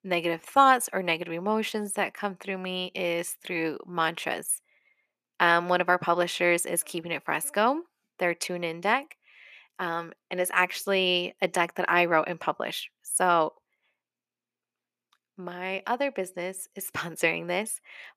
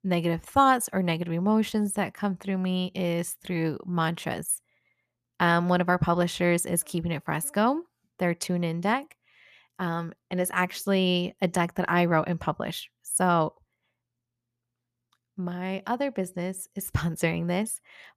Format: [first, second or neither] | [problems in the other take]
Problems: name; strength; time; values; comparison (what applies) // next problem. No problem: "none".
second | thin; somewhat; fading below 350 Hz